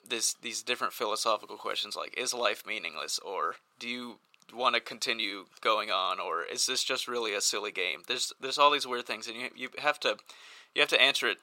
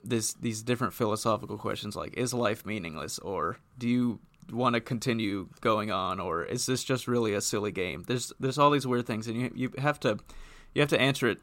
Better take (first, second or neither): second